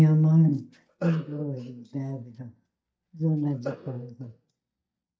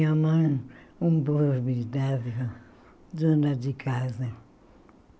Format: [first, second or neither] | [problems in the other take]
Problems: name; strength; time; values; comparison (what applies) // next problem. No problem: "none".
second | noise reduction (neural mask model DeepFilterNet 3)